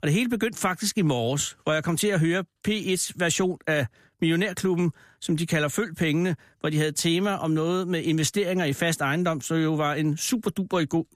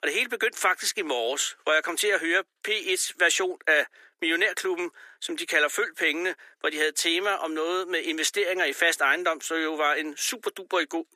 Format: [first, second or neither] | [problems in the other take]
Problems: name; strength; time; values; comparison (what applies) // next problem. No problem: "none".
first | thin; very; fading below 350 Hz